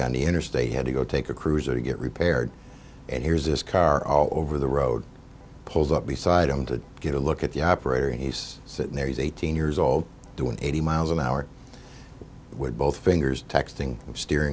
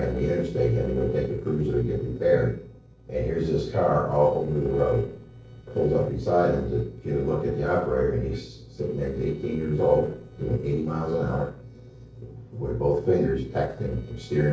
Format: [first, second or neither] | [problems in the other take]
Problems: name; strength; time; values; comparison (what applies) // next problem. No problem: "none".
first | noise reduction (neural separator model SepFormer DNS4)